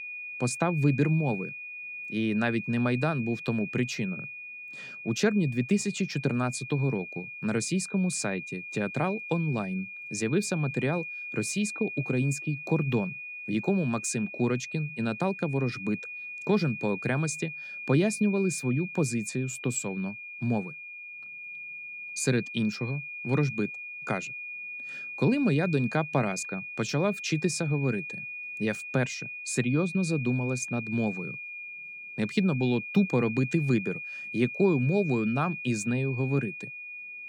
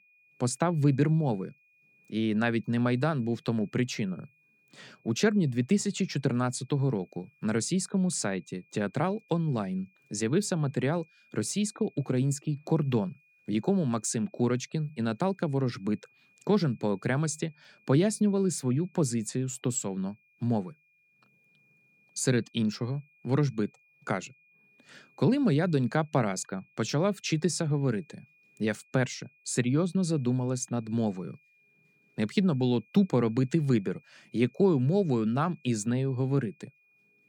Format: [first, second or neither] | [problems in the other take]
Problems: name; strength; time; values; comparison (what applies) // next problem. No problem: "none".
second | high-pitched whine; loud; throughout; 2.5 kHz, 8 dB below the speech; faint in the second